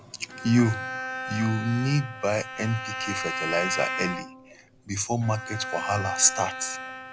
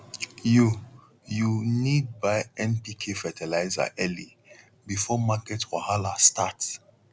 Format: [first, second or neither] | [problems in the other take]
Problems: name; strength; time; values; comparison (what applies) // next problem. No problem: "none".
second | background sound (Bowed string instrument); 7 dB below the speech